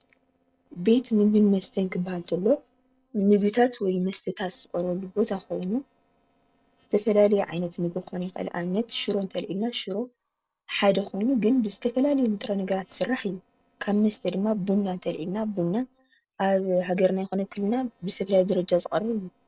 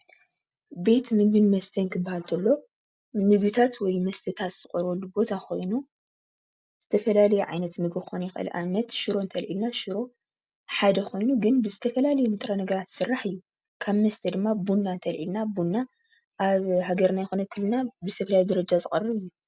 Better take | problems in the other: second | noise reduction (neural separator model SepFormer DNS4)

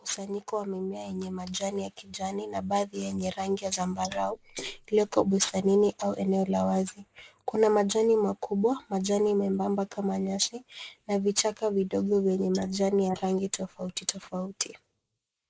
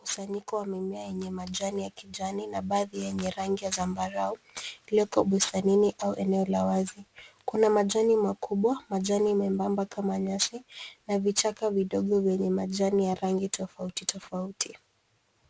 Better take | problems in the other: second | noise reduction (neural mask model Resemble Enhance denoiser)

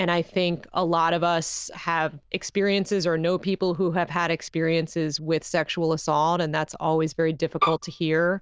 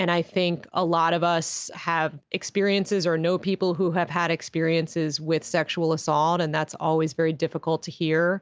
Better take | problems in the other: second | noise reduction (neural diffusion model UNIVERSE++)

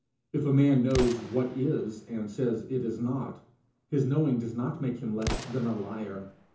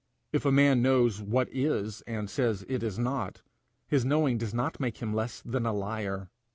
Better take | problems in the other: second | background sound (Explosion); 12 dB below the speech // room echo; dies away in 0.6 s

